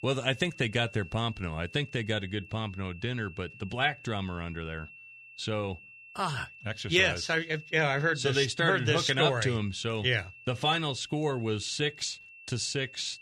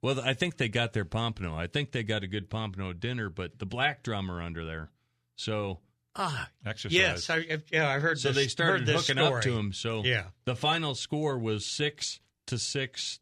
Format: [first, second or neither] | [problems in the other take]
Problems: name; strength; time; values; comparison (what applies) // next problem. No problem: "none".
second | high-pitched whine; noticeable; throughout; 2.5 kHz, 20 dB below the speech